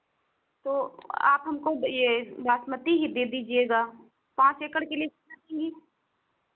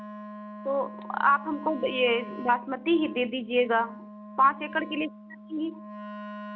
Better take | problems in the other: first | background sound (Wind instrument, woodwind instrument); 13 dB below the speech

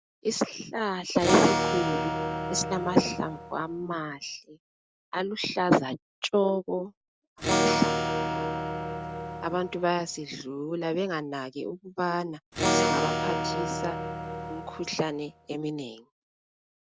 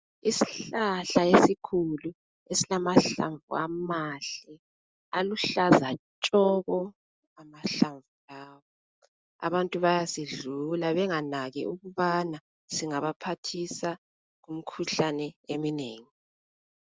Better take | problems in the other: second | background sound (Acoustic guitar / Strum); 1 dB above the speech

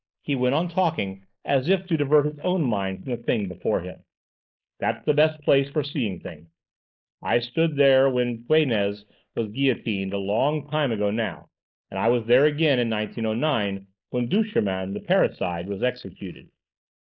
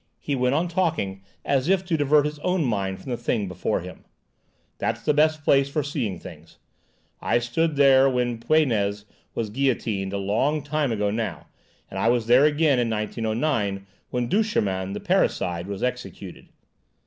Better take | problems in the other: second | noise reduction (neural mask model Resemble Enhance denoiser)

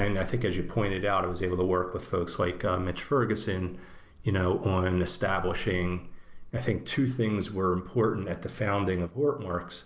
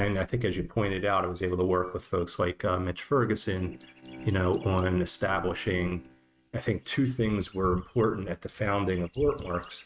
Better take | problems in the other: first | noise reduction (neural mask model RNNoise)

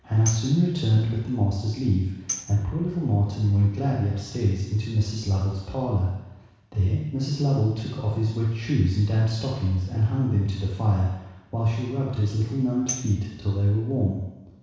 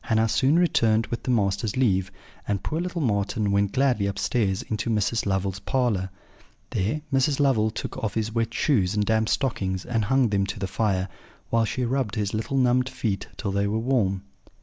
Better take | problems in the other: second | background sound (Tambourine); 14 dB below the speech // room echo; dies away in 1.1 s

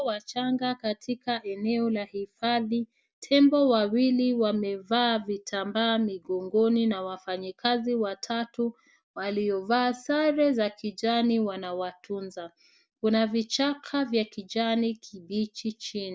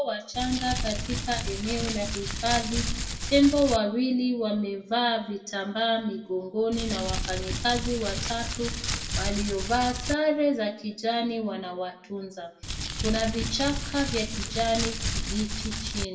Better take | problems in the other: first | background sound (Crumpling, crinkling); 3 dB below the speech // room echo; dies away in 0.6 s

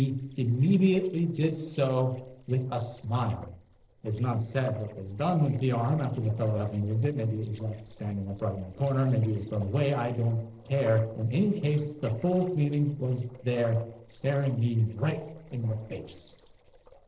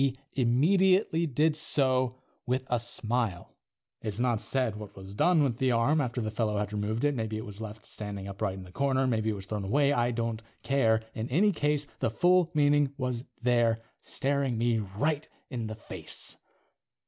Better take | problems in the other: second | noise reduction (neural separator model SepFormer DNS4)

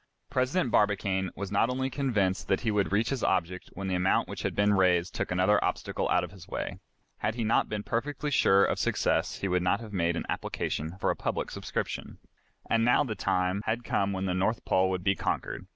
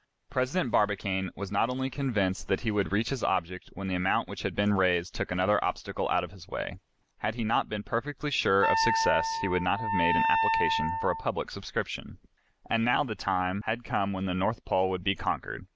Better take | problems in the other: first | background sound (Wind instrument, woodwind instrument); 1 dB above the speech

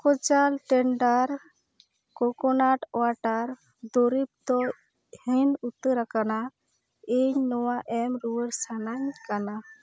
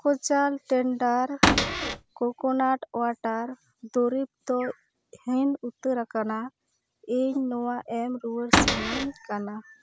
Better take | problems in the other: first | background sound (Cupboard open or close / Door); 5 dB above the speech

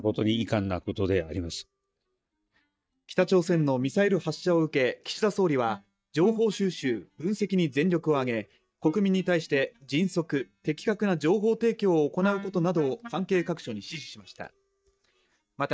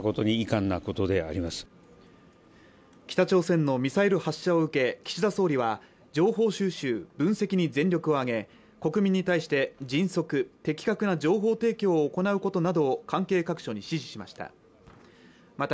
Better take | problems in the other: second | noise reduction (neural mask model DeepFilterNet 3)

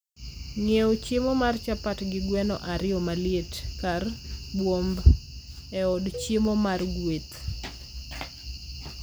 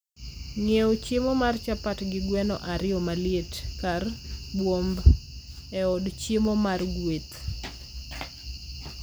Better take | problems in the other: second | background sound (Cowbell); 19 dB below the speech

